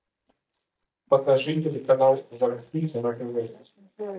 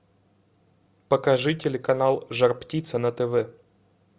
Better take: second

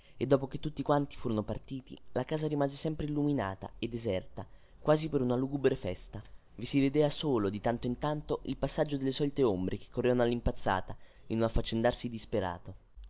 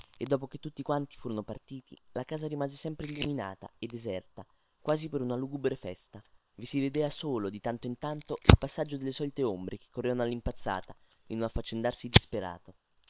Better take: first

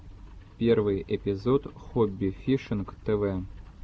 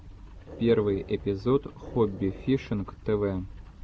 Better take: first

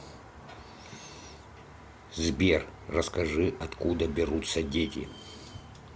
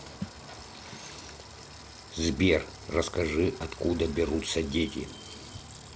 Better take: first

